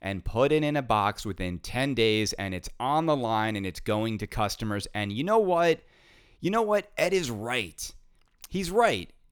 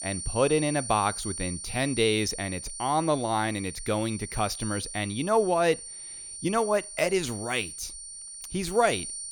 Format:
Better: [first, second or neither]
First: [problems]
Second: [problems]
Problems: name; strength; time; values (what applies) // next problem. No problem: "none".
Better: first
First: none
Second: high-pitched whine; loud; throughout; 9 kHz, 9 dB below the speech